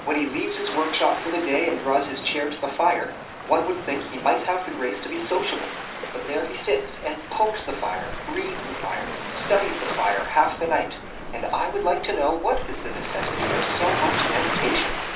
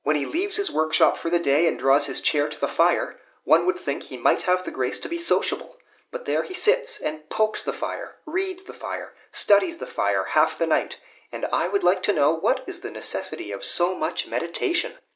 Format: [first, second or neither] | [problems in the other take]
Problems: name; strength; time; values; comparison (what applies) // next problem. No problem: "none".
second | background sound (Waves, surf); 5 dB below the speech // room echo; dies away in 0.3 s